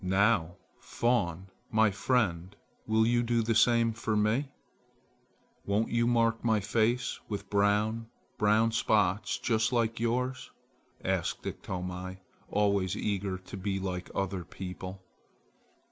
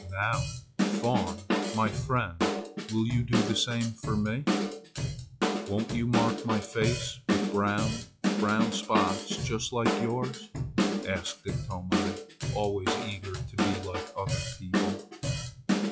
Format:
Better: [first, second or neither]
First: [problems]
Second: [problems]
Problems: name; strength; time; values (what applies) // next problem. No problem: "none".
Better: first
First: none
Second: noise reduction (classical method log-MMSE)